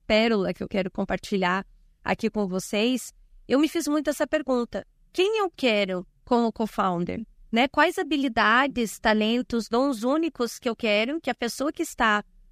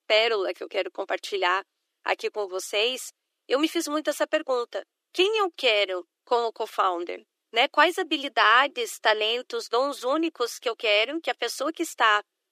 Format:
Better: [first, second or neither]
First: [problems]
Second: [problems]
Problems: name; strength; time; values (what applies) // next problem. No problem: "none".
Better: first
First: none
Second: thin; very; fading below 300 Hz